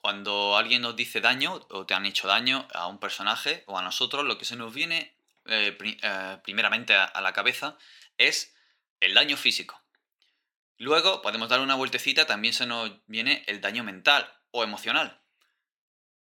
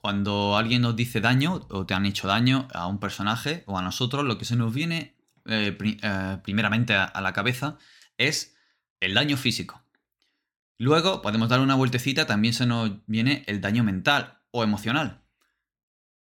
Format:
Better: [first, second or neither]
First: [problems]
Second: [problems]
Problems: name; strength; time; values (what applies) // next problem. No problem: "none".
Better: second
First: thin; somewhat; fading below 500 Hz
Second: none